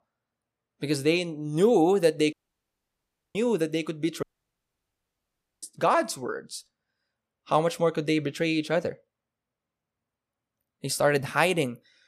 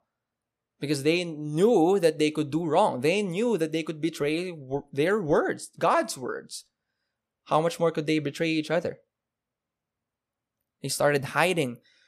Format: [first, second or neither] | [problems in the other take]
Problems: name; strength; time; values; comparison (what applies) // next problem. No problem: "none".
second | audio cutting out; at 2.5 s for 1 s and at 4 s for 1.5 s